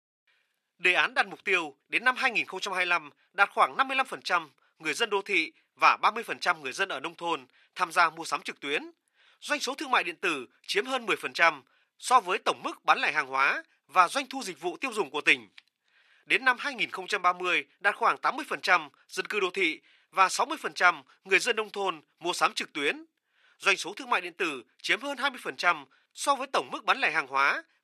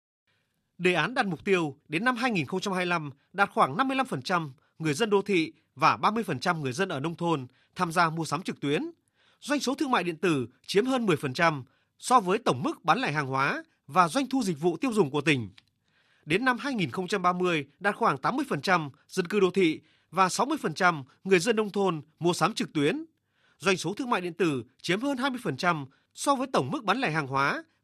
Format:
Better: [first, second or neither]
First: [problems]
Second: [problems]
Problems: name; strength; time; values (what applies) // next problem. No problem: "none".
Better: second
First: thin; very; fading below 500 Hz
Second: none